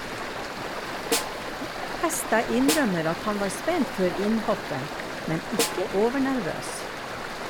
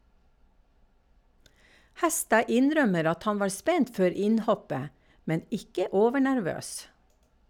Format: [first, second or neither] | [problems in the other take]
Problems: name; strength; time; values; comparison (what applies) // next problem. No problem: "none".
second | background sound (Stream + Snare drum); 3 dB below the speech